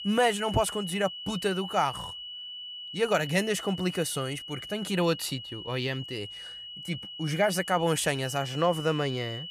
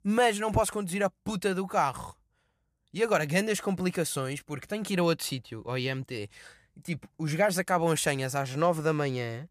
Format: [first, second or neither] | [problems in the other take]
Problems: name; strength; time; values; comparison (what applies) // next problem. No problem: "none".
second | high-pitched whine; loud; throughout; 3 kHz, 9 dB below the speech